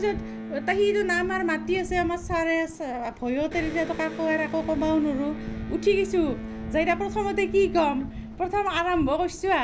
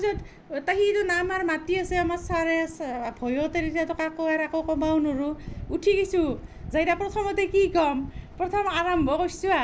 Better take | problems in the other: second | background sound (Electric guitar); 12 dB below the speech

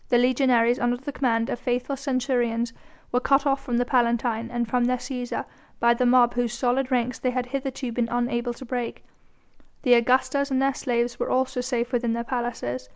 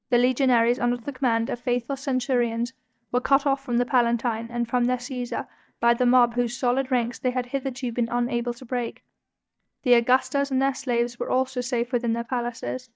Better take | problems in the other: first | noise reduction (neural mask model DeepFilterNet 3)

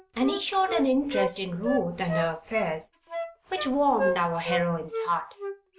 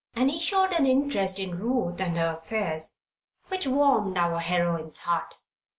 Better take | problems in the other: second | background sound (Wind instrument, woodwind instrument); 6 dB below the speech

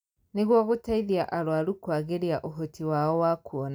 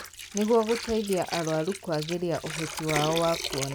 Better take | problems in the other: first | background sound (Water); 8 dB below the speech

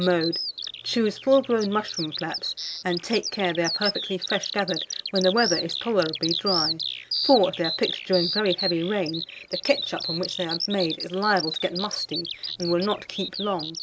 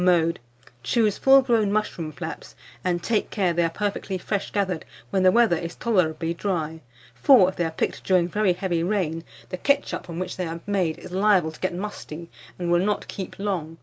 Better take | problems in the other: second | noise reduction (neural mask model Resemble Enhance denoiser)

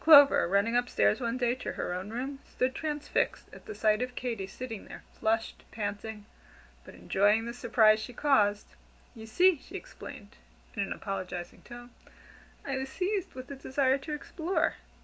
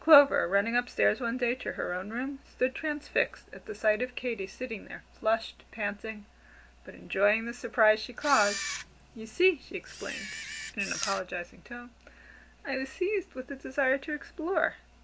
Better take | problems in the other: first | background sound (Camera); 9 dB below the speech

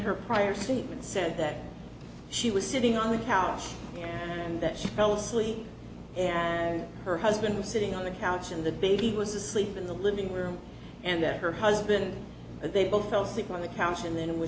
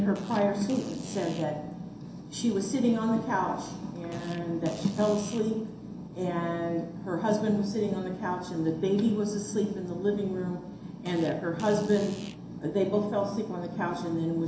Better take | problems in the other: first | background sound (Fart); 18 dB below the speech // room echo; dies away in 0.7 s

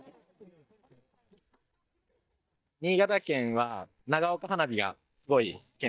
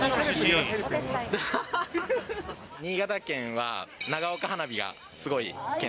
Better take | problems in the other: second | noise reduction (neural mask model DeepFilterNet 3)

